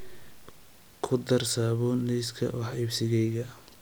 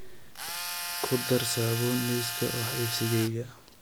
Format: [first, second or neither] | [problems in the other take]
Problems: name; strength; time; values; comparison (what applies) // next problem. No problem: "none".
first | background sound (Tools); 4 dB below the speech